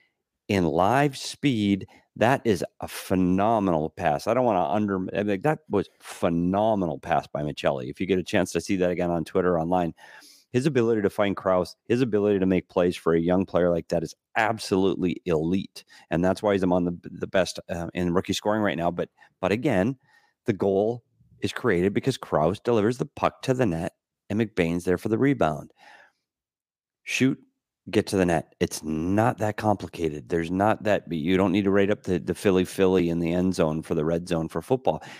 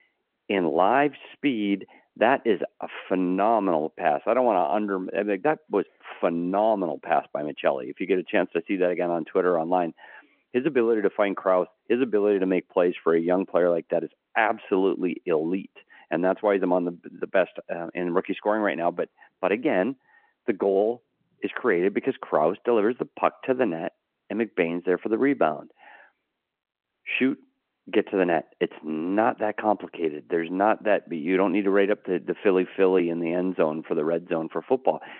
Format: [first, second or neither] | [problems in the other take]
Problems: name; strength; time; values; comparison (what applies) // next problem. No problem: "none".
first | phone-call audio